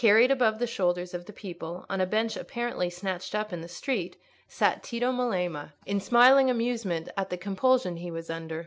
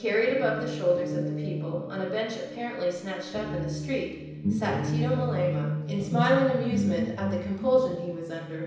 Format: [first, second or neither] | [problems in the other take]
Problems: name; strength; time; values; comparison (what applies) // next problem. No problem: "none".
first | background sound (Guitar); 3 dB below the speech // room echo; dies away in 0.9 s